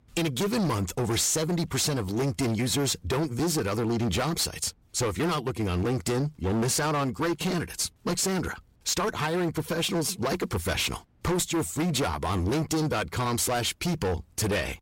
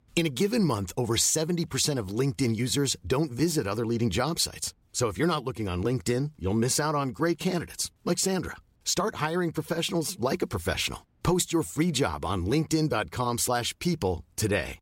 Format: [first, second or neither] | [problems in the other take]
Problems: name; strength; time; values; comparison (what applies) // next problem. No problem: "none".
second | distortion; heavy; 23% of the sound clipped